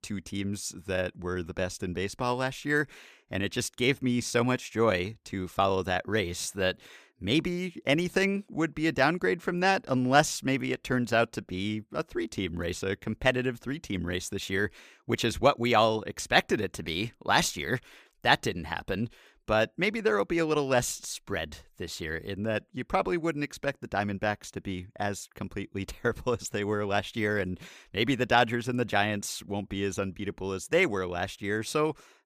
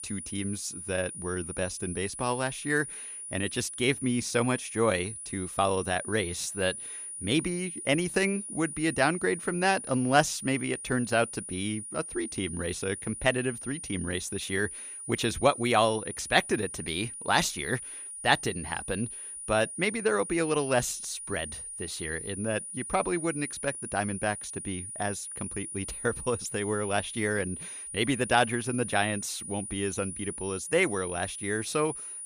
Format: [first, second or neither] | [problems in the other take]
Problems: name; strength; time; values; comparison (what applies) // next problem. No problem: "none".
first | high-pitched whine; loud; throughout; 9.5 kHz, 8 dB below the speech